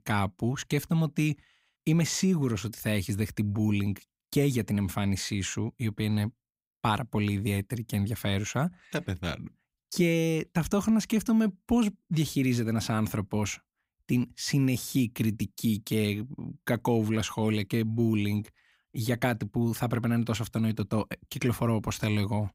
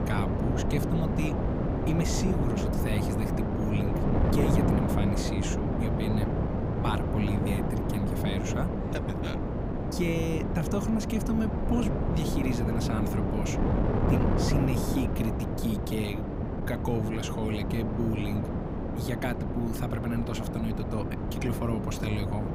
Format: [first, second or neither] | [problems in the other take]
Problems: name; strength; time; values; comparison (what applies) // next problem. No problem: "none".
first | wind noise on the microphone; heavy; 2 dB above the speech